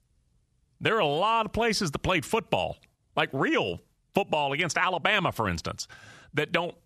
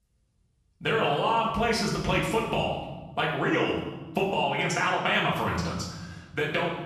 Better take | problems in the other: first | room echo; noticeable; dies away in 1.2 s // off-mic speech; far

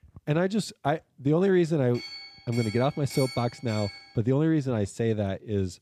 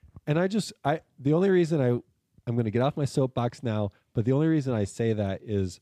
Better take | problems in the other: second | clattering dishes; noticeable; from 2 to 4 s; peak 9 dB below the speech

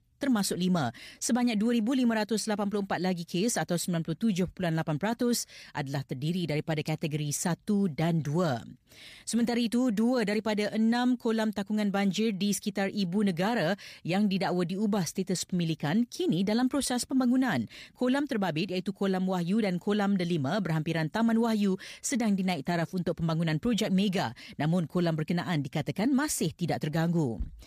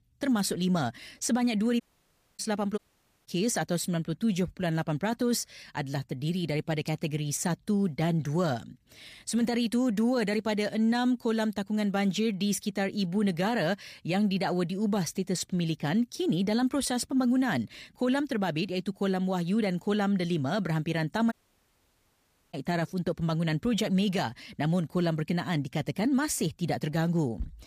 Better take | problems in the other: first | audio cutting out; at 2 s for 0.5 s, at 3 s and at 21 s for 1 s

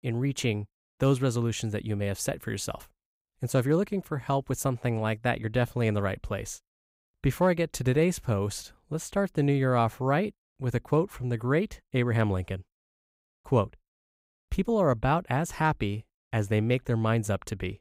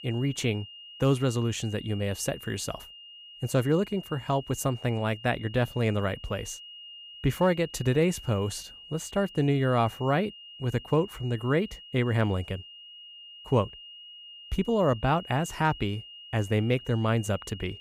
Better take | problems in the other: first | high-pitched whine; noticeable; throughout; 3 kHz, 15 dB below the speech

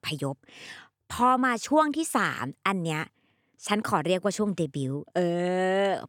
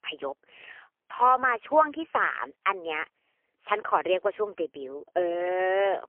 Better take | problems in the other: first | phone-call audio; poor line; nothing above 3 kHz

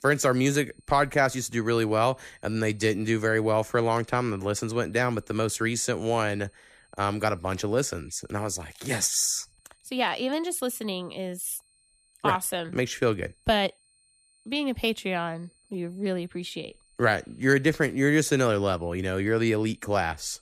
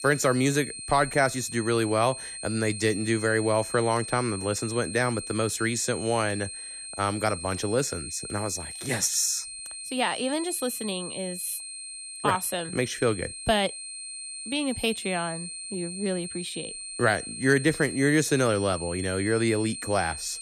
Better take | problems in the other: first | high-pitched whine; loud; throughout; 8.5 kHz, 8 dB below the speech; faint in the first

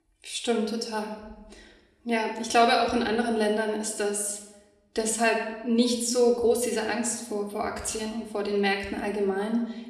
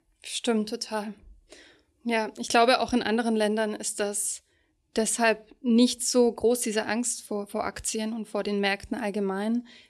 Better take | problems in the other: second | room echo; slight; dies away in 0.9 s // off-mic speech; somewhat distant

